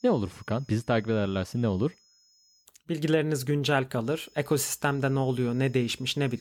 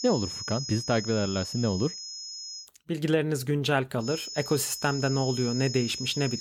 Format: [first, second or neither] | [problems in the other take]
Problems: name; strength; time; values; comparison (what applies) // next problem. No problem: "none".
first | high-pitched whine; loud; until 2.5 s and from 4 s on; 5 kHz, 7 dB below the speech; faint in the first